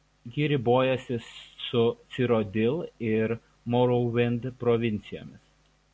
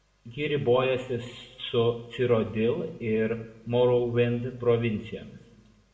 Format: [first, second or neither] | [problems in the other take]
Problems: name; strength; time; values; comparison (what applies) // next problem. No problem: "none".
first | room echo; dies away in 0.8 s